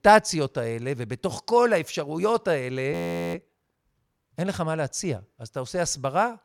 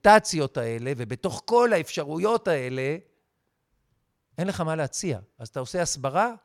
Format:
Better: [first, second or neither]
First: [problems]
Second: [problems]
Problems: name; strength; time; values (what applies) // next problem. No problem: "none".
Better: second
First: audio freezing; at 3 s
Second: none